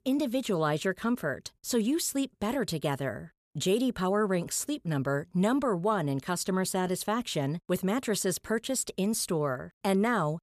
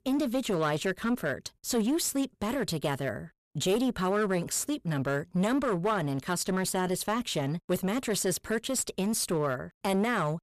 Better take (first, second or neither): first